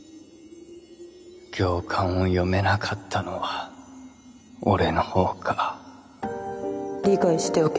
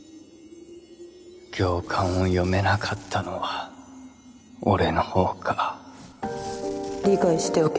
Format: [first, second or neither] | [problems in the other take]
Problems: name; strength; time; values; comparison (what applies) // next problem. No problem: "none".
first | background sound (Tearing); 20 dB below the speech